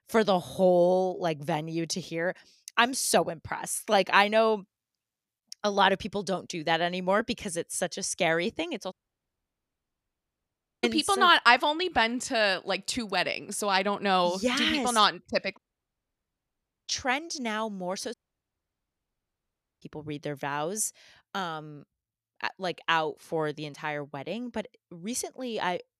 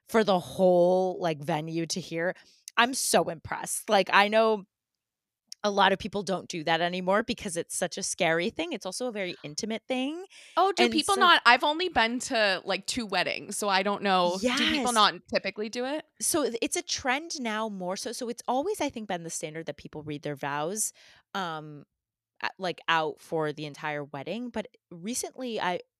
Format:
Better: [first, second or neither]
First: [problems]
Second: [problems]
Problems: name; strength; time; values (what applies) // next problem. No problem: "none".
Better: second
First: audio cutting out; at 9 s for 2 s, at 16 s for 1.5 s and at 18 s for 1.5 s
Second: none